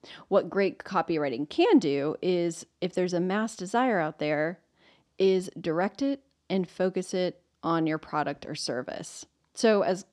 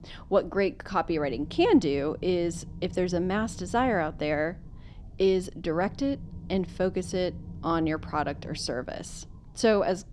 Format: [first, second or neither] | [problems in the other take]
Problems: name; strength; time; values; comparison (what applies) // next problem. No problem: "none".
first | low rumble; faint; throughout; 25 dB below the speech